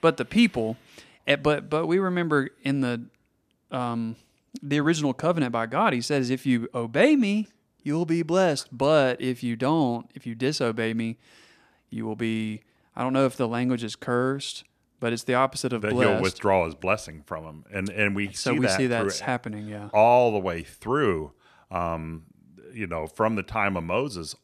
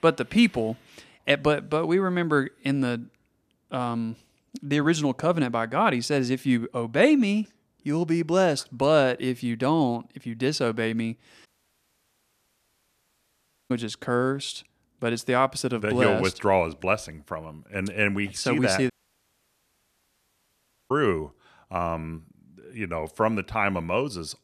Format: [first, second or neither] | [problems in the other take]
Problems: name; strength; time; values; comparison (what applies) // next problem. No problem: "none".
first | audio cutting out; at 11 s for 2 s and at 19 s for 2 s